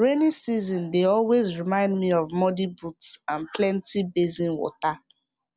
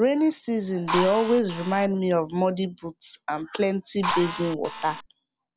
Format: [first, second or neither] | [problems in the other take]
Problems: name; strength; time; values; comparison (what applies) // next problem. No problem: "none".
first | background sound (Drill); 6 dB below the speech